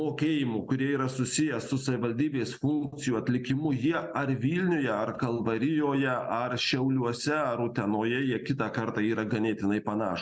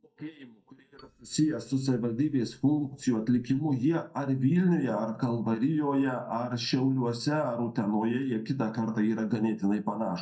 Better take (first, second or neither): first